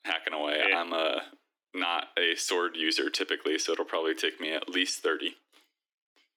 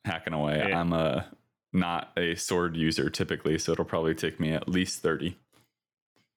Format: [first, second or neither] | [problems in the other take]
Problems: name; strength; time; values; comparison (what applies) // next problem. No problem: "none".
second | thin; somewhat; fading below 300 Hz